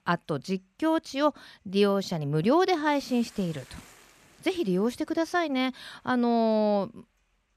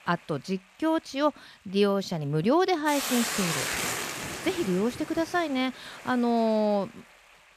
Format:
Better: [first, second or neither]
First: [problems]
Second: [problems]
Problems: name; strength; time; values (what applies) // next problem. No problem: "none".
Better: first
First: hiss; faint; throughout; 25 dB below the speech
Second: hiss; loud; throughout; 4 dB below the speech